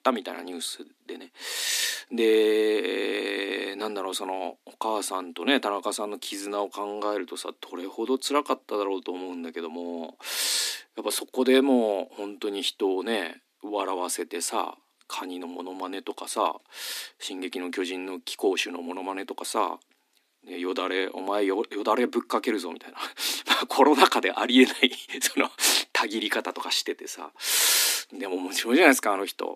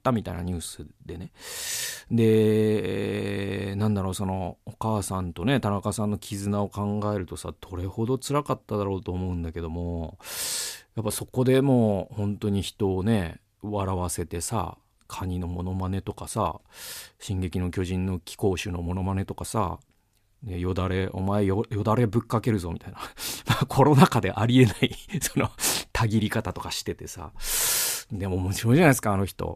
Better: second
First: thin; somewhat; fading below 250 Hz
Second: none

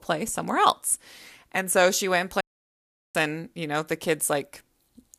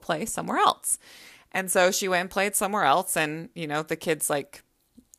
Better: second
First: audio cutting out; at 2.5 s for 0.5 s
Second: none

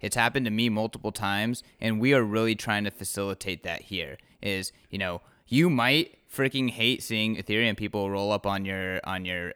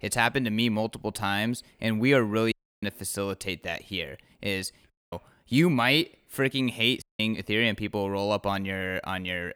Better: first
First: none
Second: audio cutting out; at 2.5 s, at 5 s and at 7 s

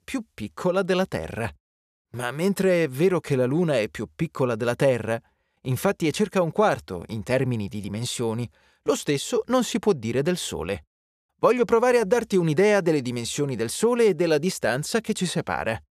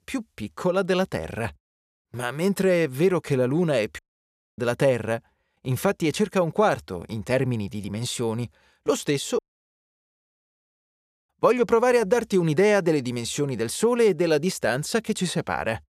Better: first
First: none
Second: audio cutting out; at 4 s for 0.5 s and at 9.5 s for 1.5 s

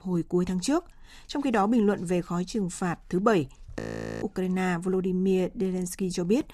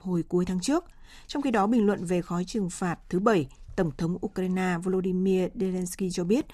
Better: second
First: audio freezing; at 4 s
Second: none

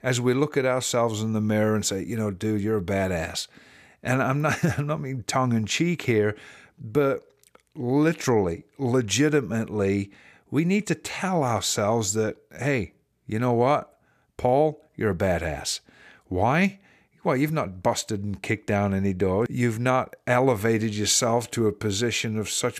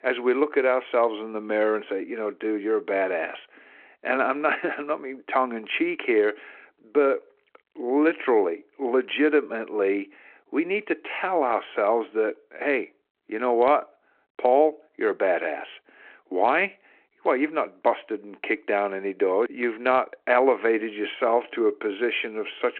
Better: first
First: none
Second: phone-call audio

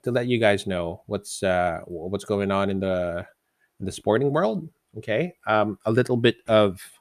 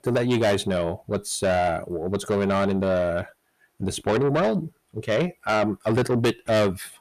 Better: first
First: none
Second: distortion; heavy; 7 dB below the speech

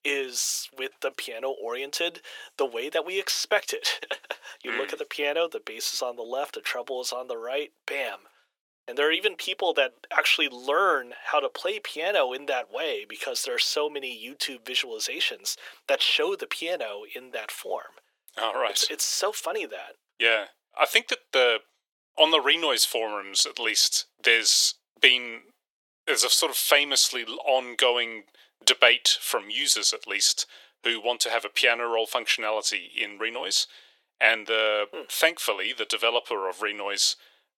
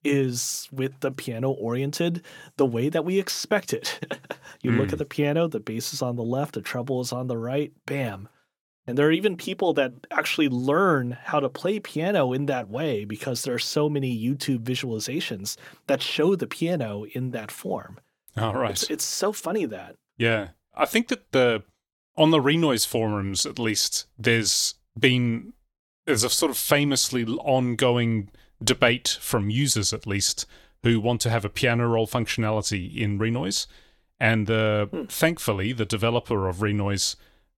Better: second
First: thin; very; fading below 450 Hz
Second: none

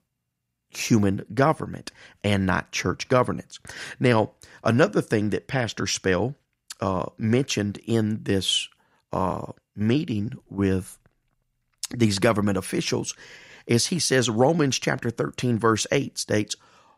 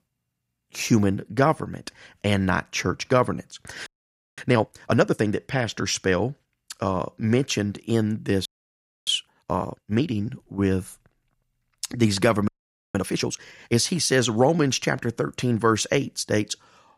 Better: first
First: none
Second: audio freezing; at 4 s for 0.5 s, at 8.5 s for 0.5 s and at 12 s

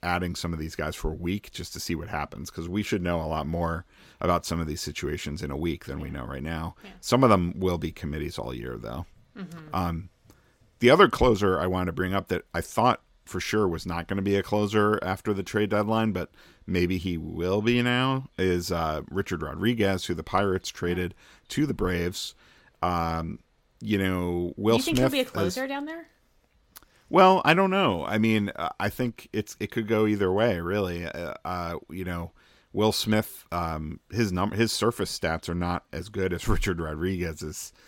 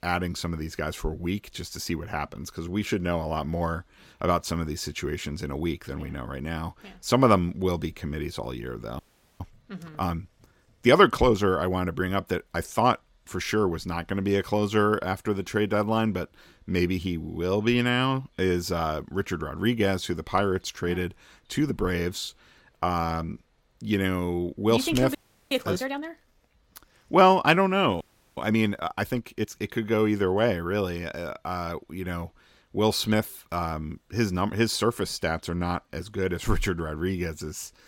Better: first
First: none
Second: audio freezing; at 9 s, at 25 s and at 28 s

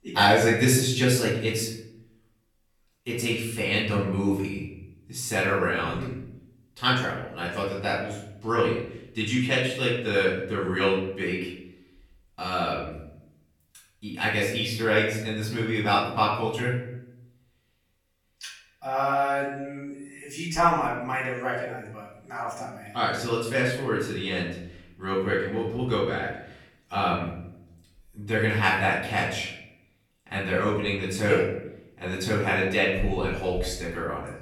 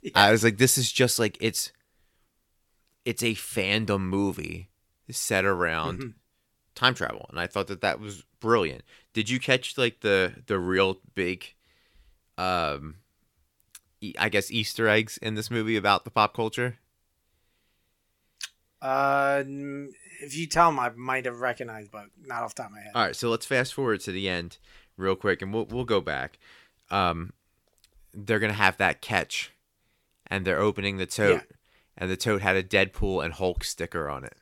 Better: second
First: off-mic speech; far // room echo; noticeable; dies away in 0.7 s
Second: none

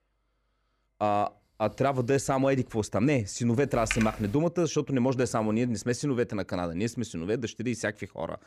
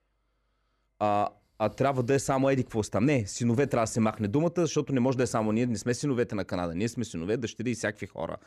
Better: second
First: keyboard typing; noticeable; at 4 s; peak 5 dB below the speech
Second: none

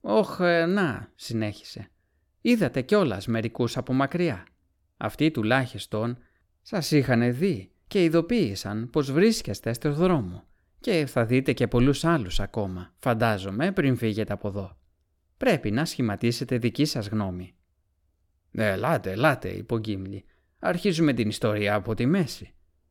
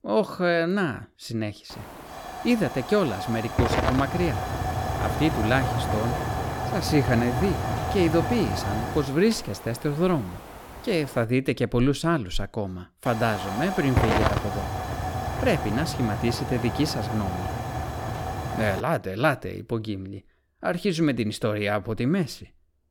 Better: first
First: none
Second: hiss; loud; from 1.5 to 11 s and from 13 to 19 s; 3 dB below the speech

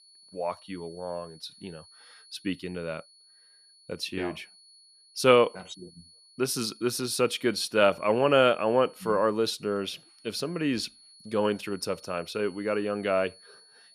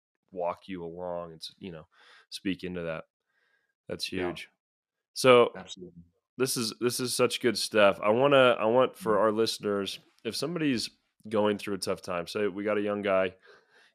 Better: second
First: high-pitched whine; faint; throughout; 4.5 kHz, 25 dB below the speech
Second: none

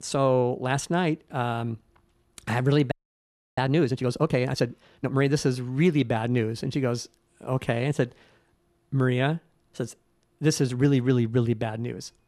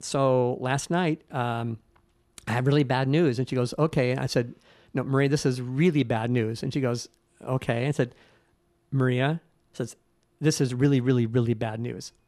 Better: second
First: audio freezing; at 3 s for 0.5 s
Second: none

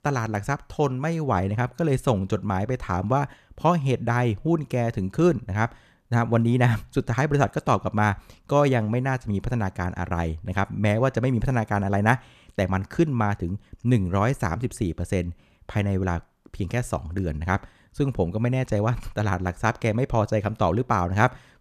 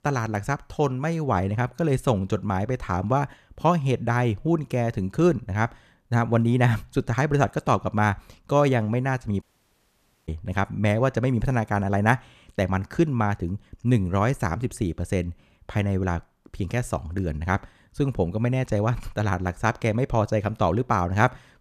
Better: first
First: none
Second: audio cutting out; at 9.5 s for 1 s

